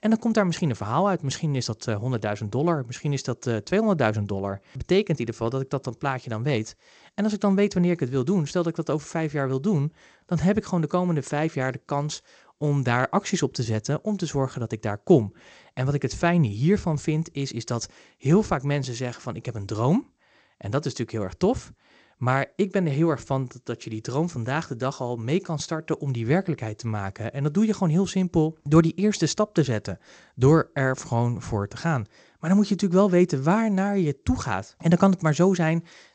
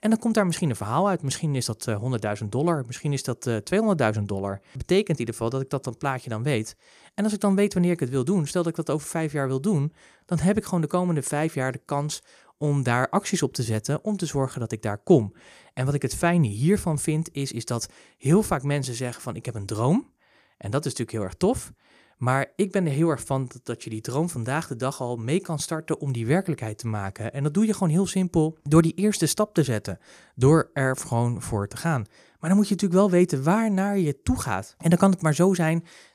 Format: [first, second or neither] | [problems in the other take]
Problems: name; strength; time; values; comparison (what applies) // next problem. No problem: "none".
second | garbled, watery; slightly; nothing above 7.5 kHz